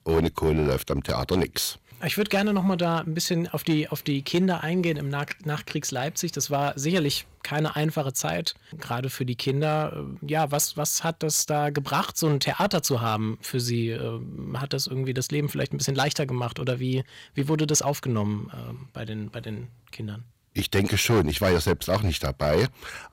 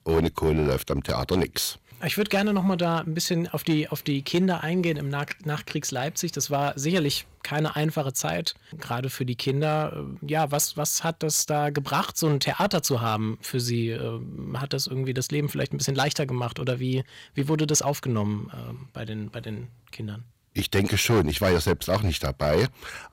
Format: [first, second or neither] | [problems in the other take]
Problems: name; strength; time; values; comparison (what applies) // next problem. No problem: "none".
neither | distortion; slight; 3% of the sound clipped; the same in both